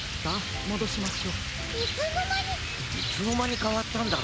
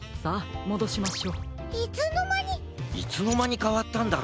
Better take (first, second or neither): second